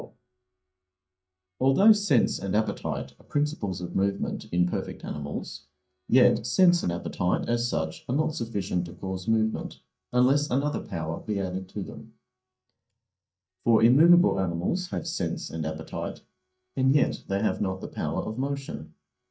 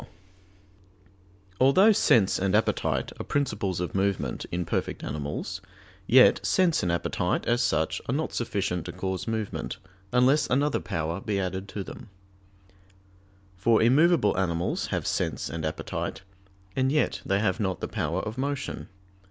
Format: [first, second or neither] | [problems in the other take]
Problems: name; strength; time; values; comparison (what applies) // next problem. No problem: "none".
second | noise reduction (neural mask model DeepFilterNet 3)